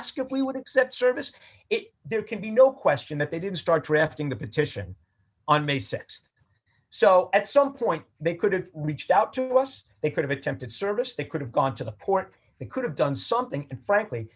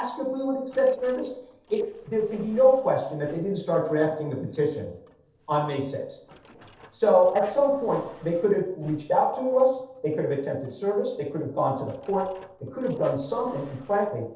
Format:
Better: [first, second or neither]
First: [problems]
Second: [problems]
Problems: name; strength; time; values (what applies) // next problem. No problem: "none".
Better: first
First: none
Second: noise reduction (neural separator model SepFormer DNS4)